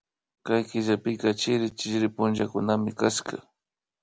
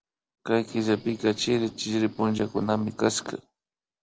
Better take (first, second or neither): first